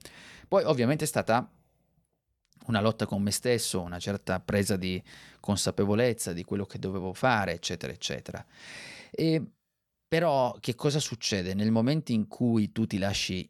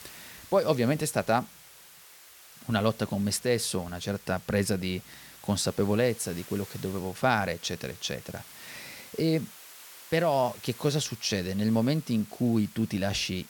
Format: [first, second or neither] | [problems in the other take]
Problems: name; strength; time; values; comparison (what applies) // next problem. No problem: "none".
first | hiss; noticeable; throughout; 20 dB below the speech